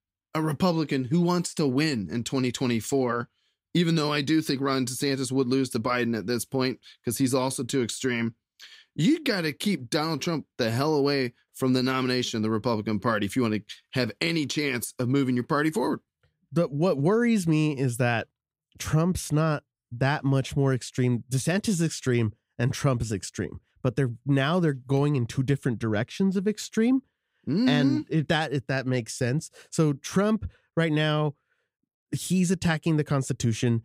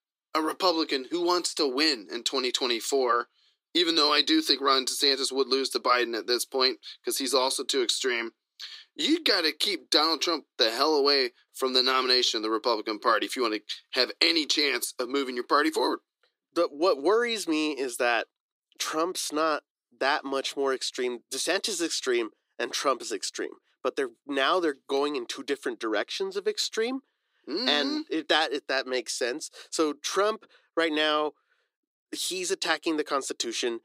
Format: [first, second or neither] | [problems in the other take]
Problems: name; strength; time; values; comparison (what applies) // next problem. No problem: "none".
first | thin; very; fading below 350 Hz